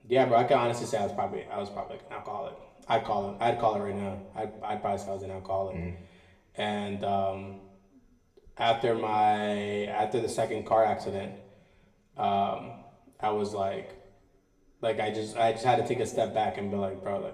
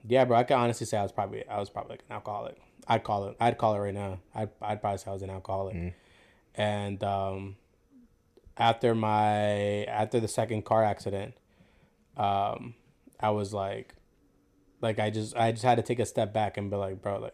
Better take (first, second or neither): second